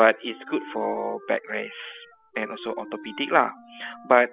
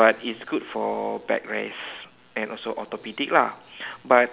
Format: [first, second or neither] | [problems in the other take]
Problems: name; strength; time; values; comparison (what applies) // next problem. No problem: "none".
second | noise reduction (classical method spectral subtraction)